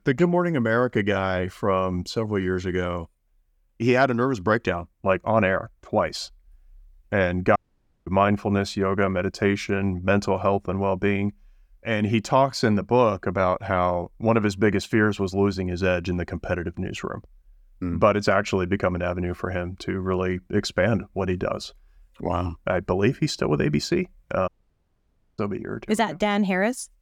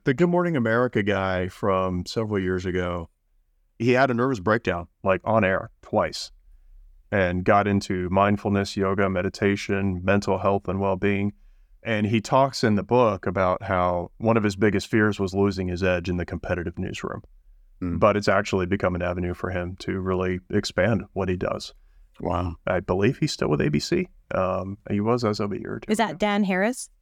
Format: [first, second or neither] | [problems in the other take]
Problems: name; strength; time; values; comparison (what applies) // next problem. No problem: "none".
second | audio cutting out; at 7.5 s for 0.5 s and at 24 s for 1 s